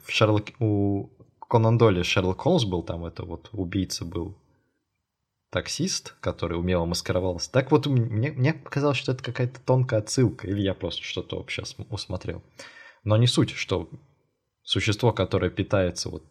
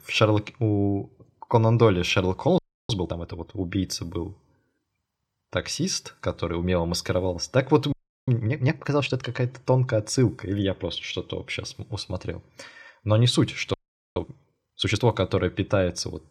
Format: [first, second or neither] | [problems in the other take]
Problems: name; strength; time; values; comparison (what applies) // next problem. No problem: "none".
first | audio freezing; at 2.5 s, at 8 s and at 14 s